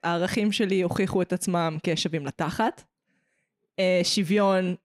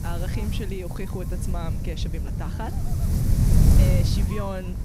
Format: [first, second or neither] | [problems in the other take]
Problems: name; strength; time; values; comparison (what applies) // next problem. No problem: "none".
first | wind noise on the microphone; heavy; 1 dB below the speech